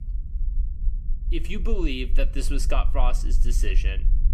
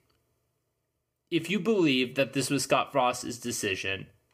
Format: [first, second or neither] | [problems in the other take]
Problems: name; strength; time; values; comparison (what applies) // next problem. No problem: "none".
second | low rumble; noticeable; throughout; 20 dB below the speech